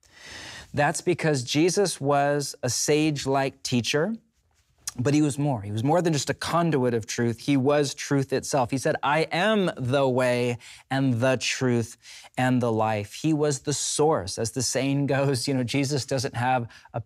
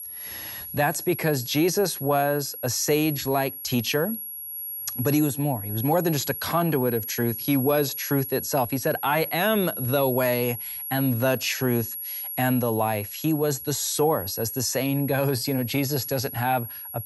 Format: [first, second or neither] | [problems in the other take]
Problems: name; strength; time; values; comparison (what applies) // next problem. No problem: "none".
first | high-pitched whine; loud; throughout; 11.5 kHz, 7 dB below the speech